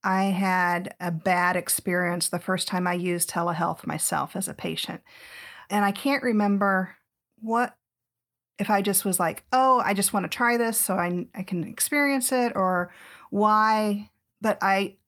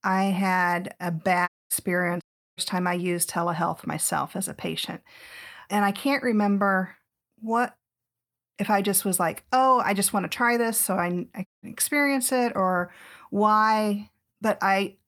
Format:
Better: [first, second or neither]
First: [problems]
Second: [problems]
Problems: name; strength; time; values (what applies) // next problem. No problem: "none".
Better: first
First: none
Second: audio cutting out; at 1.5 s, at 2 s and at 11 s